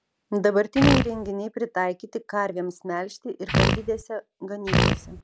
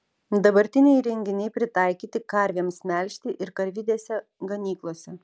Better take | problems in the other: second | background sound (Fart); 5 dB above the speech

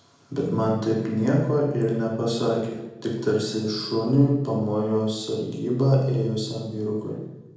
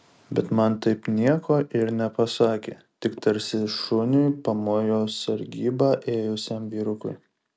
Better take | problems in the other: second | room echo; dies away in 0.9 s

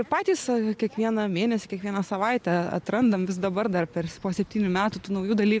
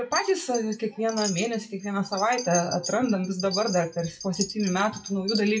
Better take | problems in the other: first | noise reduction (classical method WPE with log-MMSE)

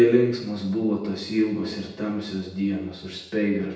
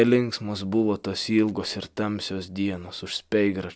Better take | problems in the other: second | room echo; dies away in 0.8 s

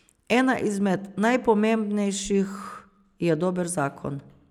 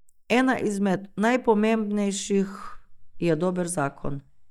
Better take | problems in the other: first | noise reduction (neural mask model DeepFilterNet 3)

